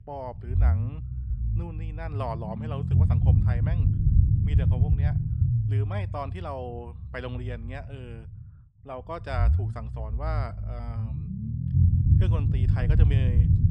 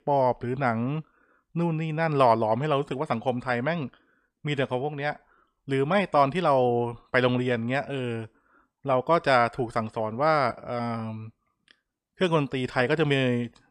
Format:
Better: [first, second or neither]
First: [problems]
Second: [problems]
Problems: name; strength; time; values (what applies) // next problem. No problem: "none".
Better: second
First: low rumble; loud; throughout; 1 dB below the speech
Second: none